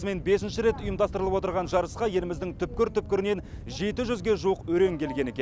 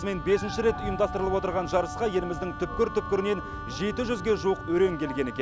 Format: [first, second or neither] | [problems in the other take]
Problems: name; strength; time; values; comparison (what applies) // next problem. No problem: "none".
first | background sound (Wind instrument, woodwind instrument + Dog); 11 dB below the speech